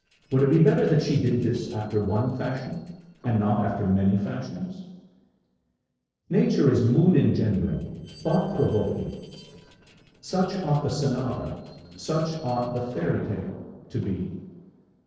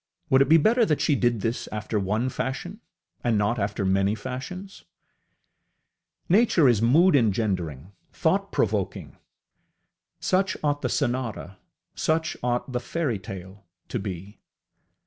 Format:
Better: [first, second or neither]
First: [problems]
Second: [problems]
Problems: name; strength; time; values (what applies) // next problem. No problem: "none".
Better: second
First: noise reduction (neural separator model SepFormer DNS4)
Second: none